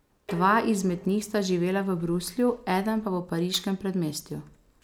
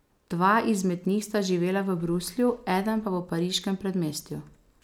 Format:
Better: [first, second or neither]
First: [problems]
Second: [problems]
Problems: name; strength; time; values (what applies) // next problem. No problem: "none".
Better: second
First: background sound (Cutlery, silverware / Dishes, pots, and pans + Dishes, pots, and pans); 18 dB below the speech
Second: none